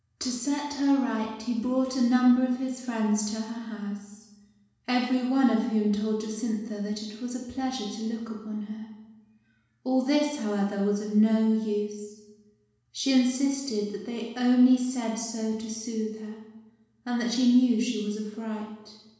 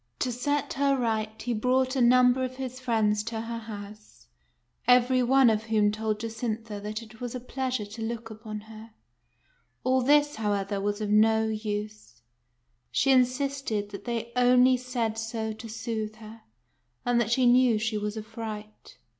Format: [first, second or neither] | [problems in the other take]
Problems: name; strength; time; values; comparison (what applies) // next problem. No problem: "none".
second | room echo; dies away in 1.1 s